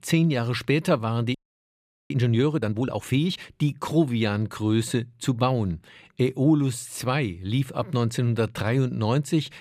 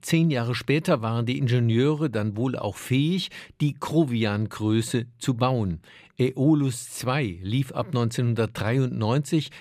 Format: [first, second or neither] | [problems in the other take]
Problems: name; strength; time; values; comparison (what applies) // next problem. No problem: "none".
second | audio freezing; at 1.5 s for 1 s